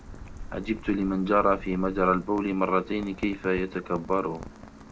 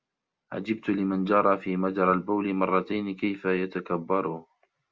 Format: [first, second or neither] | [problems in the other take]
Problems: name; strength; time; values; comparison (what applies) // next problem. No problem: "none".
second | background sound (Rain); 14 dB below the speech